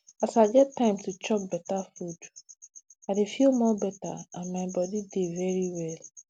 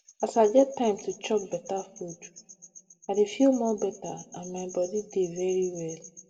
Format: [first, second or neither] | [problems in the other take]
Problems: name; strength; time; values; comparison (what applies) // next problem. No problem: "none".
first | room echo; dies away in 0.8 s